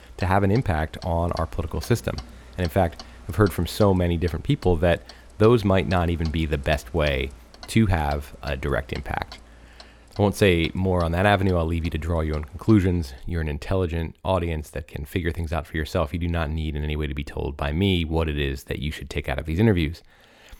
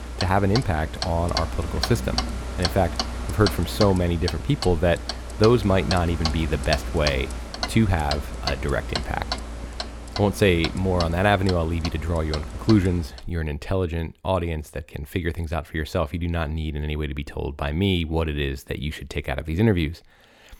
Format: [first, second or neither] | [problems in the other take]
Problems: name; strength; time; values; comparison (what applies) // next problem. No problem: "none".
first | household noises; loud; until 13 s; 6 dB below the speech; faint in the first